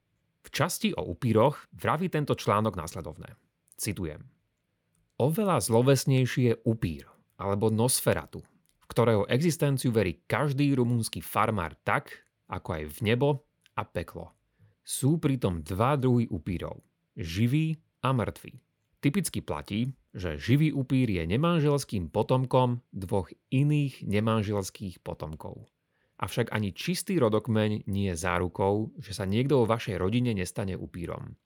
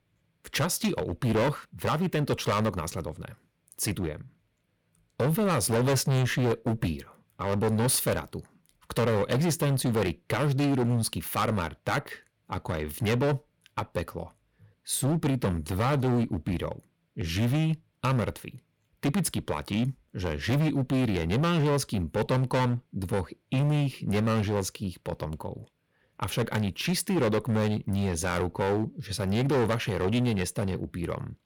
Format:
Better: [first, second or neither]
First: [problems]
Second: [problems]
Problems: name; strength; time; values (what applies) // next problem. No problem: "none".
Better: first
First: none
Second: distortion; heavy; 13% of the sound clipped